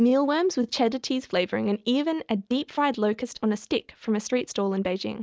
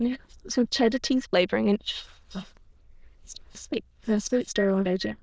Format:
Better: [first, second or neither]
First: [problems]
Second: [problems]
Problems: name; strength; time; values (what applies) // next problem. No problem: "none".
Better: first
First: none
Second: noise reduction (neural diffusion model UNIVERSE++)